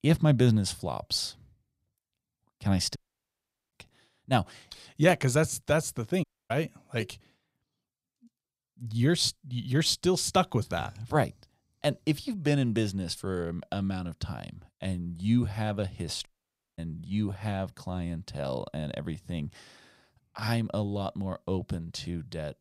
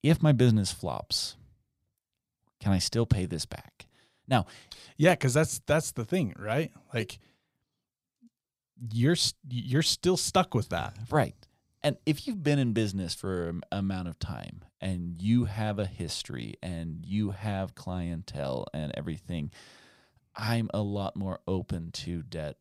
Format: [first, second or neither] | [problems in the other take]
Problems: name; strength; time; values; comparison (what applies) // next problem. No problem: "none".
second | audio cutting out; at 3 s for 1 s, at 6 s and at 16 s for 0.5 s